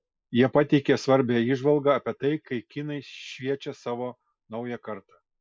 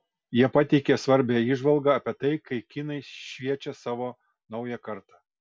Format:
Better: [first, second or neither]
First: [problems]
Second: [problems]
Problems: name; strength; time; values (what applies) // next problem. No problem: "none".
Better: second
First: noise reduction (neural mask model Resemble Enhance denoiser)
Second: none